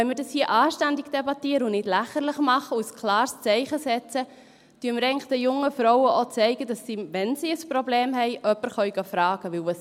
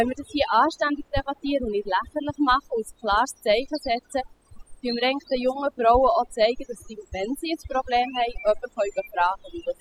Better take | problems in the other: first | noise reduction (classical method spectral subtraction)

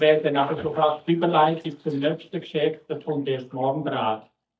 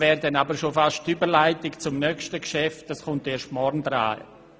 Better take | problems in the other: second | noise reduction (neural mask model DeepFilterNet 3)

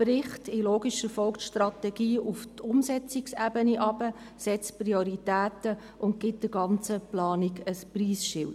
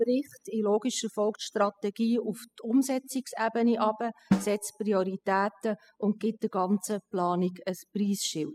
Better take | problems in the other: first | noise reduction (classical method spectral subtraction)

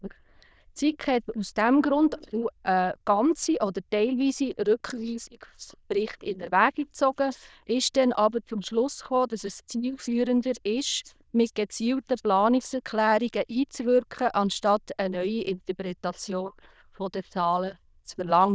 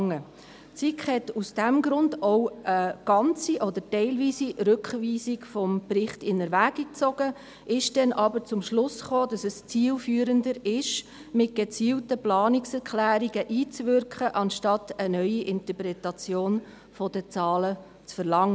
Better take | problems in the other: second | noise reduction (neural diffusion model UNIVERSE++)

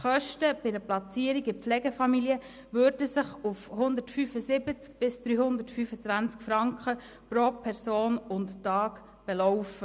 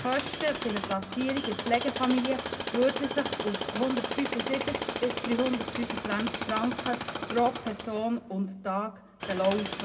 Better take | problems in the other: first | background sound (Tools); 5 dB below the speech // room echo; dies away in 0.2 s

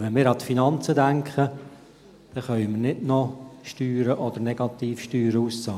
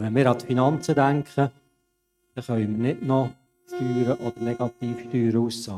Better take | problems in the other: first | noise reduction (neural mask model RNNoise)

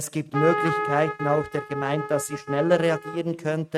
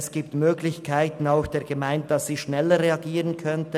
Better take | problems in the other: second | noise reduction (neural mask model RNNoise)

